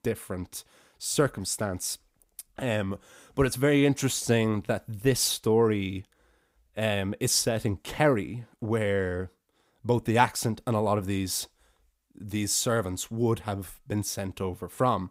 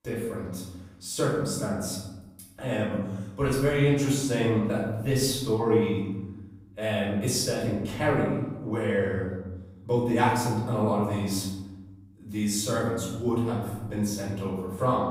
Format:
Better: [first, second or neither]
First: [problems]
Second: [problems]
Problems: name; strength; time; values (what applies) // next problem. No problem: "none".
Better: first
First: none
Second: off-mic speech; far // room echo; noticeable; dies away in 1.2 s